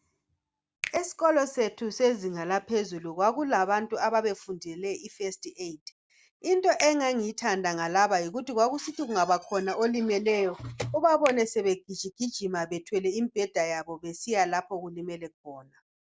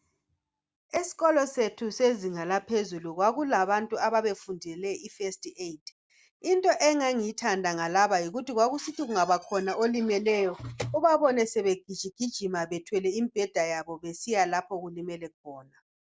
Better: second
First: background sound (Finger snapping); 18 dB below the speech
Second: none

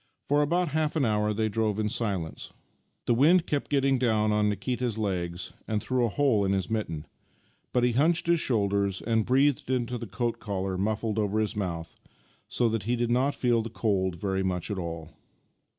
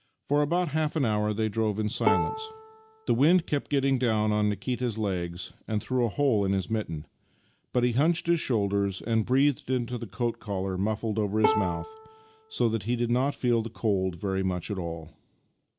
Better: first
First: none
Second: background sound (Bowed string instrument); 7 dB below the speech

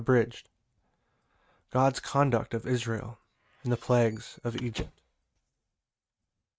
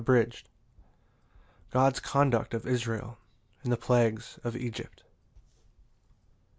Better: second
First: noise reduction (neural mask model RNNoise)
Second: none

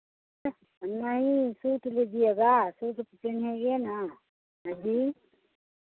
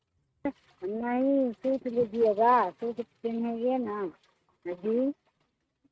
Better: first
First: none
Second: noise reduction (neural mask model RNNoise)

